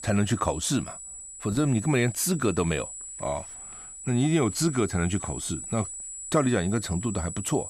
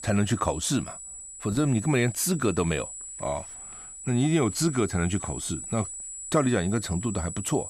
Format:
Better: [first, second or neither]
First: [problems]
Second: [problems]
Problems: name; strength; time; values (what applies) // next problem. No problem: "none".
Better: neither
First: high-pitched whine; loud; throughout; 8 kHz, 10 dB below the speech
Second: high-pitched whine; loud; throughout; 8 kHz, 10 dB below the speech